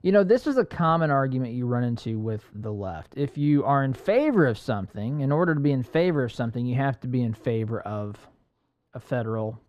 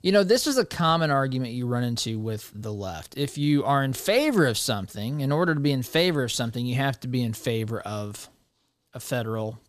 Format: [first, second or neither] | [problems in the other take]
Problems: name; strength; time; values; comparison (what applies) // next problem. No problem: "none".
second | muffled; very; fading above 3 kHz